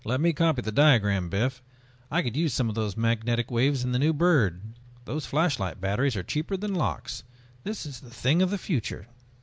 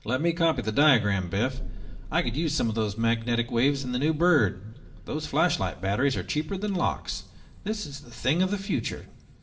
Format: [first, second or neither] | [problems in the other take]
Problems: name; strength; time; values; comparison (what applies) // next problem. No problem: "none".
first | background sound (Thunder); 14 dB below the speech // room echo; dies away in 0.7 s